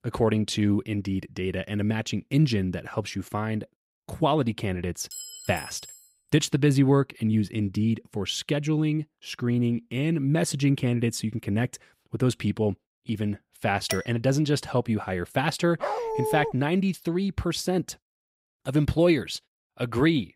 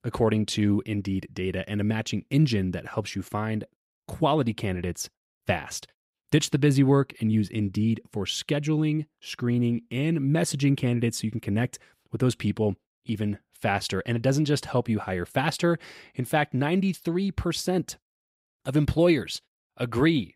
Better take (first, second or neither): second